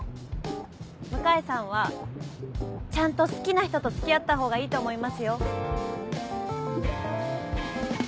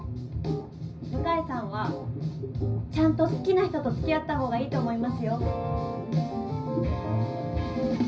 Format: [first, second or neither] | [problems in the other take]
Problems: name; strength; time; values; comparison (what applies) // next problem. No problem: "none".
first | room echo; dies away in 0.4 s